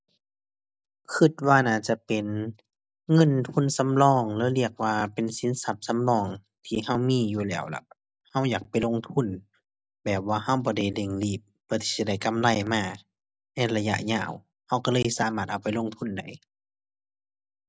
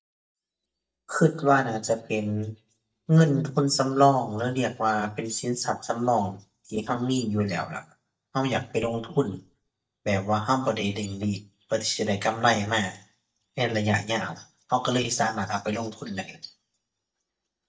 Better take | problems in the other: first | noise reduction (neural mask model DeepFilterNet 3)

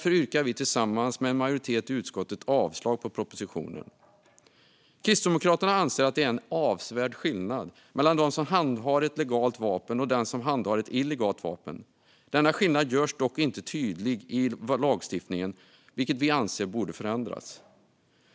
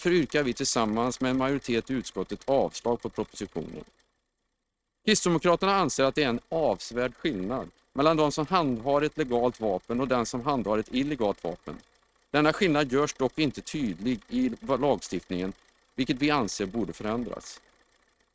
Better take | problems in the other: first | noise reduction (neural mask model RNNoise)

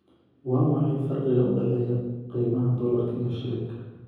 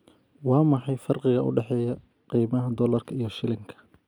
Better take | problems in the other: second | room echo; dies away in 1.3 s

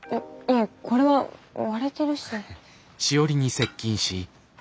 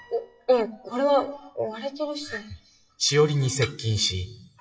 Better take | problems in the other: first | noise reduction (classical method WPE with log-MMSE)

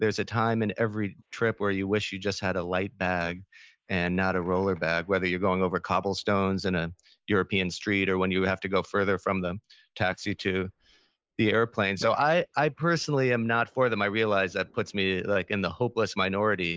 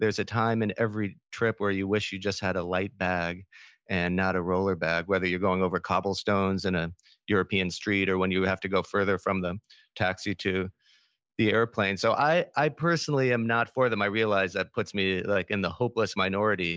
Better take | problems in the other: second | noise reduction (neural mask model Resemble Enhance denoiser)

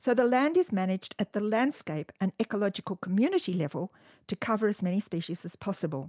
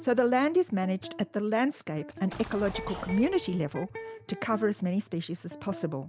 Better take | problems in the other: first | background sound (Explosion + Electric guitar); 14 dB below the speech

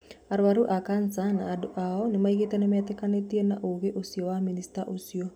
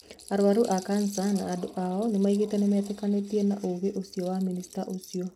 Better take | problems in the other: first | noise reduction (neural mask model RNNoise)

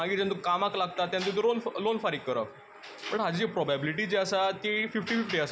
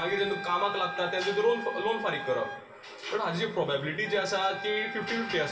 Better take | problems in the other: first | background sound (Wind instrument, woodwind instrument); 10 dB below the speech // room echo; dies away in 1 s

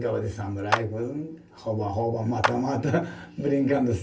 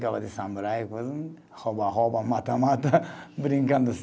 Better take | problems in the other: second | background sound (Clapping); 6 dB below the speech // room echo; dies away in 0.2 s

